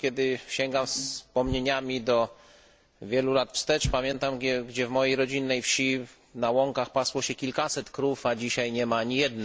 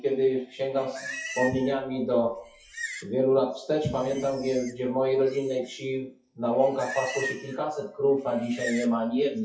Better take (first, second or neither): first